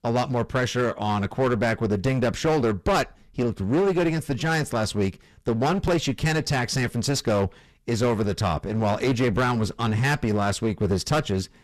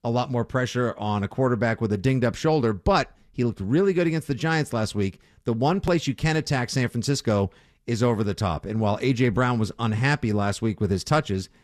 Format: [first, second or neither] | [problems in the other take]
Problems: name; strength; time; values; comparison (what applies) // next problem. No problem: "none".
second | distortion; heavy; 16% of the sound clipped